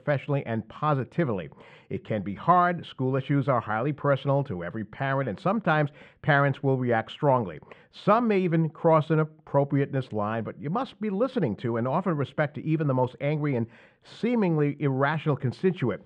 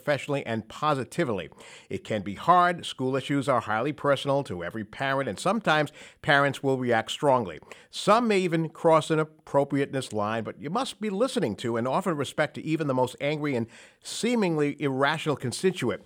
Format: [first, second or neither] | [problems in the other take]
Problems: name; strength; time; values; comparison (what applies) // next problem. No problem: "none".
second | muffled; very; fading above 2 kHz